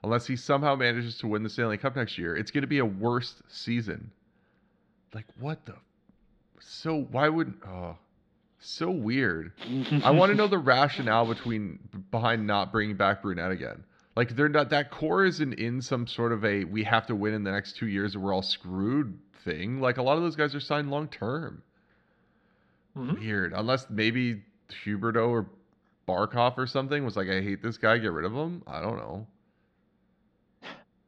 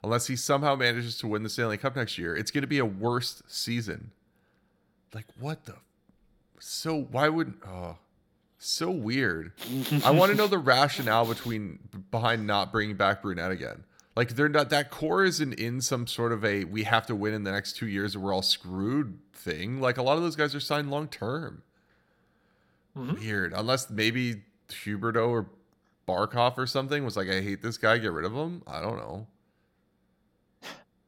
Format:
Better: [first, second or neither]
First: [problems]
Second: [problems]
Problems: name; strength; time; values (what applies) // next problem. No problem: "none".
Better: second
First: muffled; very slightly; fading above 4 kHz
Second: none